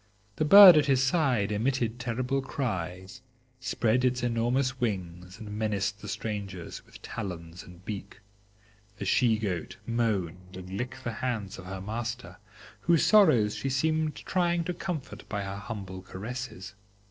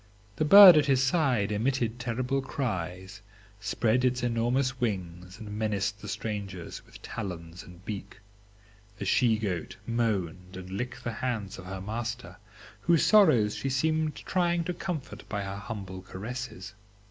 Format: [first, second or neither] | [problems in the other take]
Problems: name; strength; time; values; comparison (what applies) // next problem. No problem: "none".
second | noise reduction (neural separator model SepFormer DNS4)